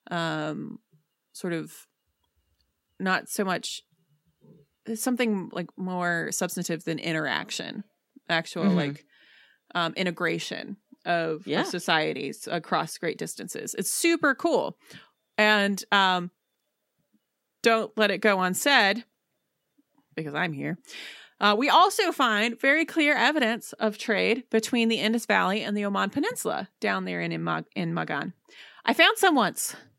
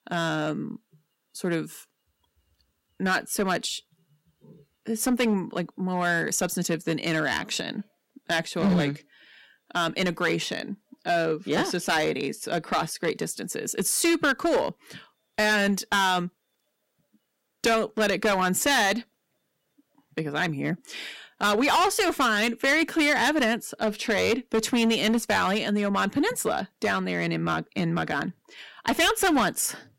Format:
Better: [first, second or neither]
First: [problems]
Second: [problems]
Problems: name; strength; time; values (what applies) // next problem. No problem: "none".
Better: first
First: none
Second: distortion; heavy; 6% of the sound clipped